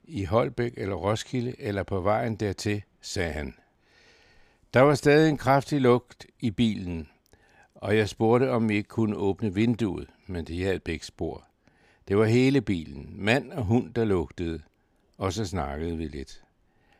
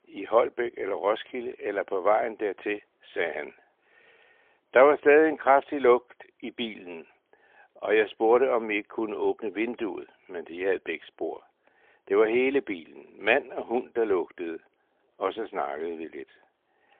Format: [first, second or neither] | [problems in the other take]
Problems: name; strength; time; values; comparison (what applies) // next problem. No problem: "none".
first | phone-call audio; poor line; nothing above 3.5 kHz